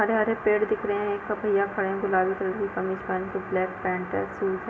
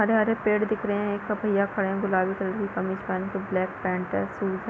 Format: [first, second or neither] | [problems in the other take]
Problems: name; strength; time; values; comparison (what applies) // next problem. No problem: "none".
second | room echo; dies away in 2.6 s